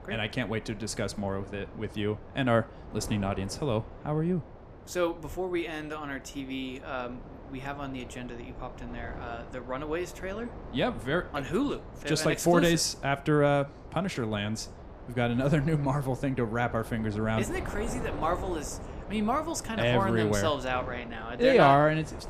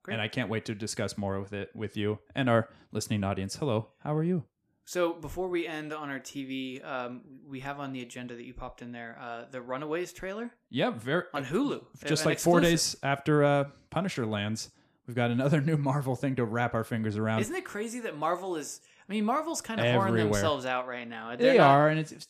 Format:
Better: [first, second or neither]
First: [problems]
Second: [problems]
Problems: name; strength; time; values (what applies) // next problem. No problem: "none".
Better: second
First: wind noise on the microphone; occasional gusts; 15 dB below the speech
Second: none